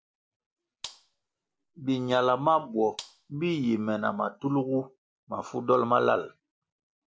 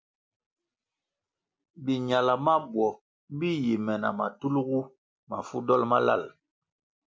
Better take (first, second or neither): second